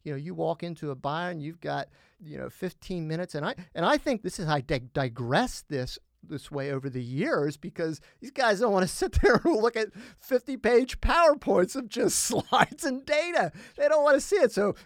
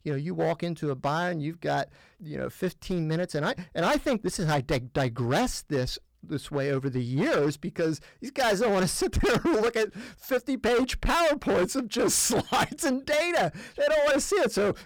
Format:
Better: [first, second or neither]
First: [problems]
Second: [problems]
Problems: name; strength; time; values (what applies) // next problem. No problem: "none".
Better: first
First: none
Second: distortion; heavy; 15% of the sound clipped